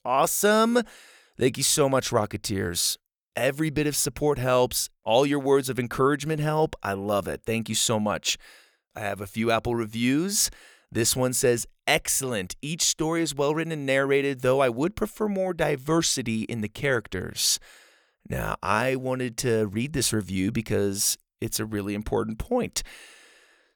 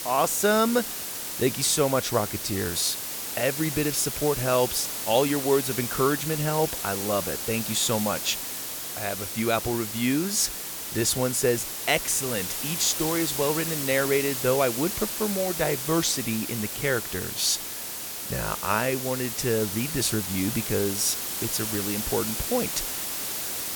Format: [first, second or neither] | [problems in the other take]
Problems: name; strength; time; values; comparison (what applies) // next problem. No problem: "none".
first | hiss; loud; throughout; 3 dB below the speech